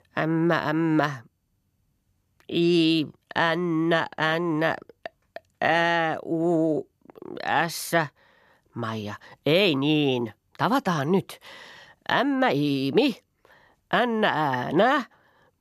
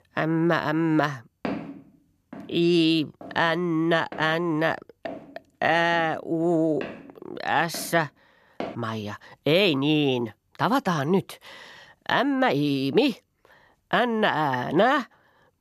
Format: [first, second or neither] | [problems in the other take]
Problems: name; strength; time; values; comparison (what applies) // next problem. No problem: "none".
first | footsteps; noticeable; from 1.5 to 9 s; peak 8 dB below the speech